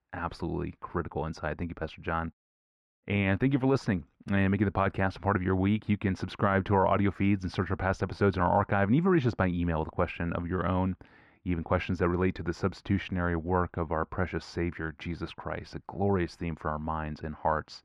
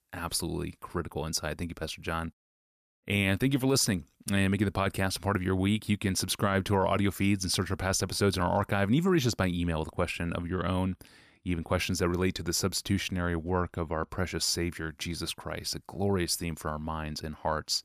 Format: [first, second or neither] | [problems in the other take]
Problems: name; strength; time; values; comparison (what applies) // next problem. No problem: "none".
second | muffled; very; fading above 1.5 kHz